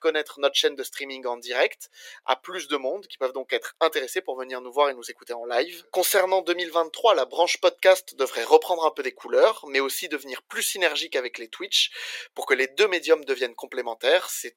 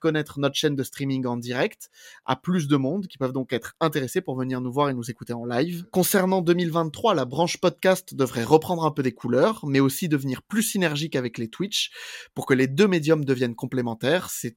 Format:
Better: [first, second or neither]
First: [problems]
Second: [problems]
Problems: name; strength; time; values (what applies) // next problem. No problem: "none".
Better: second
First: thin; very; fading below 400 Hz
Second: none